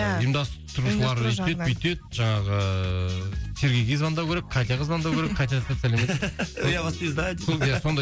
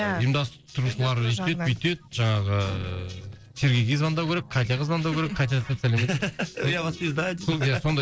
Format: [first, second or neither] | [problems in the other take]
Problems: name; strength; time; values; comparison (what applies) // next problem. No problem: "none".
first | noise reduction (neural separator model SepFormer DNS4)